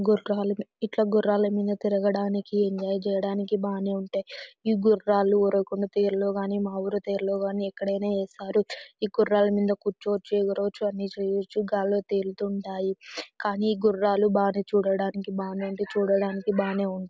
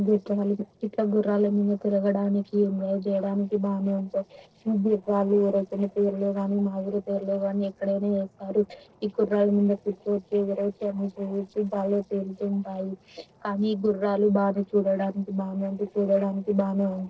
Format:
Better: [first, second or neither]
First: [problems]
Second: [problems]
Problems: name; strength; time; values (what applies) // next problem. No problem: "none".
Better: first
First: none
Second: noise reduction (neural separator model SepFormer DNS4)